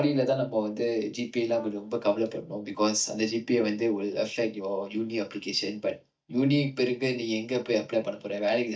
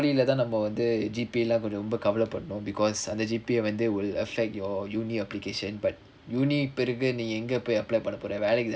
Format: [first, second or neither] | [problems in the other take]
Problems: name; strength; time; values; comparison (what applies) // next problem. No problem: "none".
second | noise reduction (neural mask model DeepFilterNet 3)